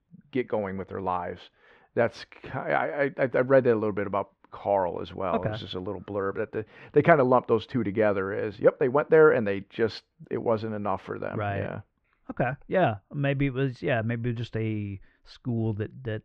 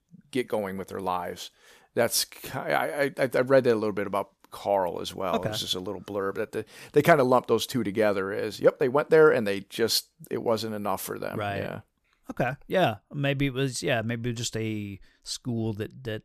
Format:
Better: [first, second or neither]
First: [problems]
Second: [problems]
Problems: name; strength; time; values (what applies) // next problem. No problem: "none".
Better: second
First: muffled; very; fading above 2.5 kHz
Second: none